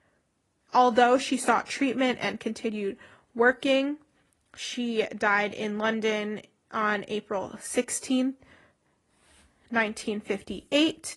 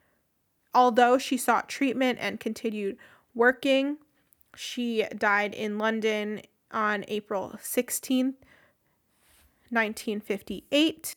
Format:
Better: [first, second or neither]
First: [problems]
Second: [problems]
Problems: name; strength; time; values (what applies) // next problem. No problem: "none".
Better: second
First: garbled, watery; slightly; nothing above 10.5 kHz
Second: none